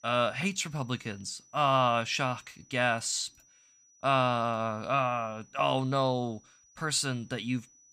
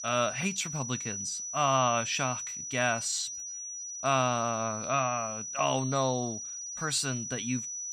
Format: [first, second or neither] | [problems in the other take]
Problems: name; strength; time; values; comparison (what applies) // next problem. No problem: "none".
first | high-pitched whine; loud; throughout; 6 kHz, 5 dB below the speech; faint in the first